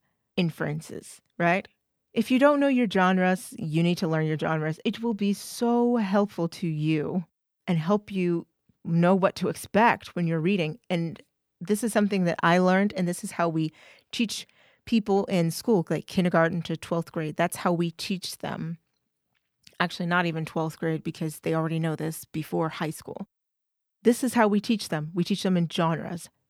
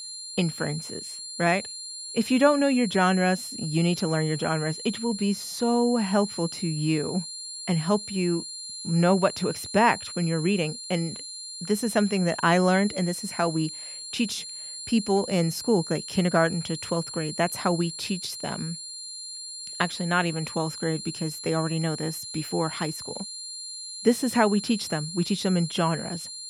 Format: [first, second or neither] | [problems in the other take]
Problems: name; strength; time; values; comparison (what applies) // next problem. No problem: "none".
first | high-pitched whine; loud; throughout; 4 kHz, 9 dB below the speech